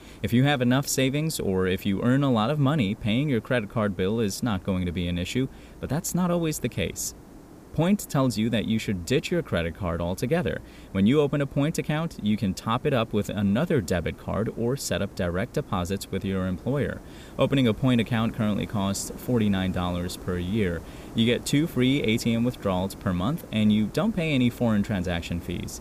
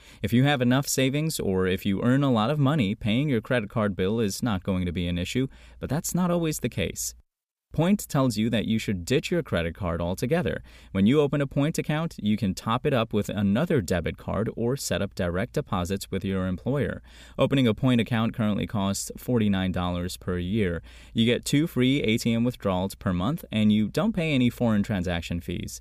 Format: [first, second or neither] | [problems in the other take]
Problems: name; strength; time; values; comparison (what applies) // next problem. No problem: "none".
second | hiss; noticeable; throughout; 20 dB below the speech